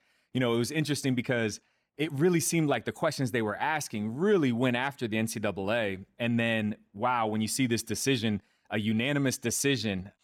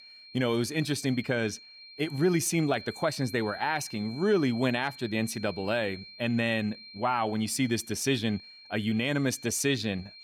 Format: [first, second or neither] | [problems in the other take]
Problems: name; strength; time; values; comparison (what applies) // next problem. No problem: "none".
first | high-pitched whine; noticeable; throughout; 4 kHz, 15 dB below the speech